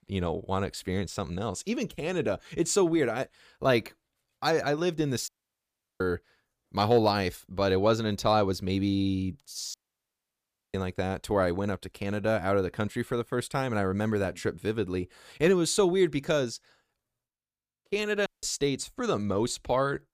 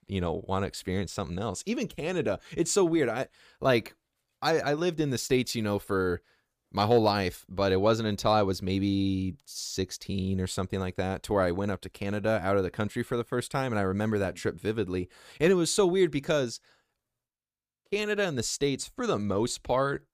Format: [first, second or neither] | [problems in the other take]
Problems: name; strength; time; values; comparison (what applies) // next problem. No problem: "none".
second | audio cutting out; at 5.5 s for 0.5 s, at 9.5 s for 1 s and at 18 s